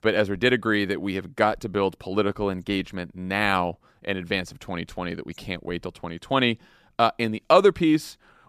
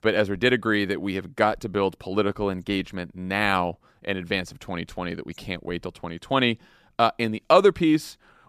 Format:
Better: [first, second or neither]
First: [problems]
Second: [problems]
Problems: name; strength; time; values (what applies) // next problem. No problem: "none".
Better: neither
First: none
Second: none